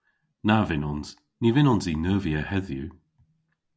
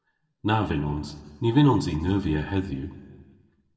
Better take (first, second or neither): first